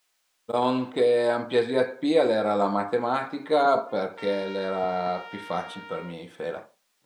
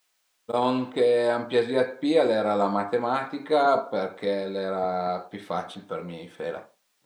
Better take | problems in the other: second | background sound (Trumpet); 19 dB below the speech

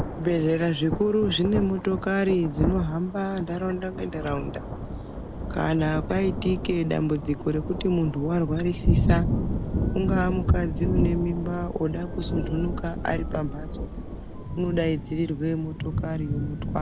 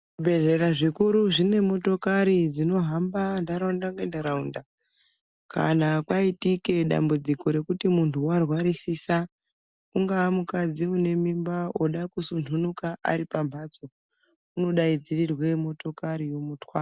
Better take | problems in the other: second | background sound (Thunder / Rain); 2 dB below the speech

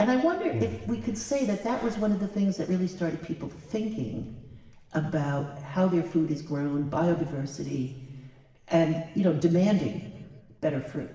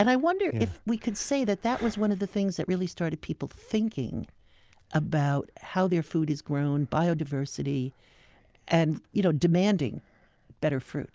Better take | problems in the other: second | room echo; dies away in 1.3 s

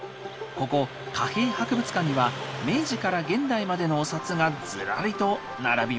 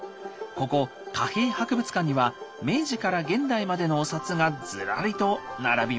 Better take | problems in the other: second | background sound (Car passing by); 12 dB below the speech

